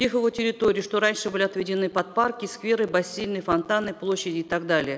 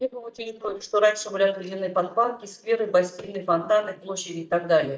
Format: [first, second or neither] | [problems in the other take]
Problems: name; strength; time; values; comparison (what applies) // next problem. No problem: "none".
first | noise reduction (neural mask model DeepFilterNet 3)